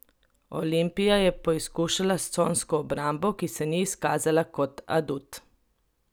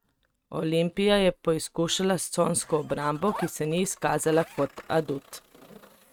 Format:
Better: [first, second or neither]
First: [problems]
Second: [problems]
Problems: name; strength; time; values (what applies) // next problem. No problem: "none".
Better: first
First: none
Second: noise reduction (neural mask model RNNoise)